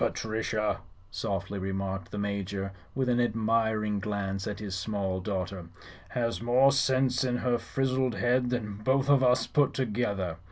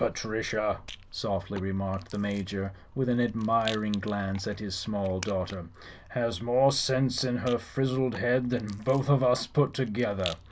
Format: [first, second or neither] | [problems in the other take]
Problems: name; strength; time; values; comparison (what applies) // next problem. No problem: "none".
first | background sound (Rattle); 19 dB below the speech